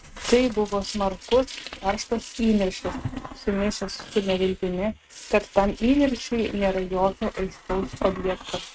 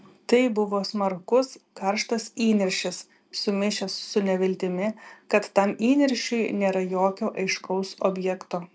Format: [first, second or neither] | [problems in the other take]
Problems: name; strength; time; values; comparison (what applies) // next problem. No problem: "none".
second | noise reduction (neural mask model RNNoise)